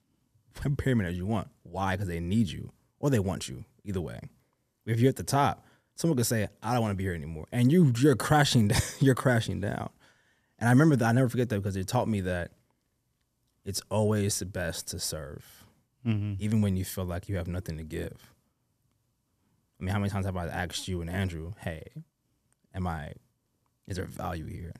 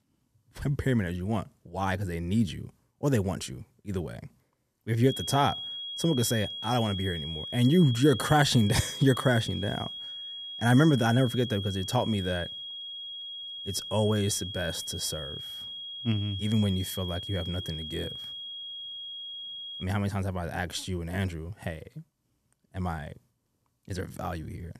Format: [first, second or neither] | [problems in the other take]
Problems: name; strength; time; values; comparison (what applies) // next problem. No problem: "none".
first | high-pitched whine; loud; from 5 to 20 s; 3.5 kHz, 8 dB below the speech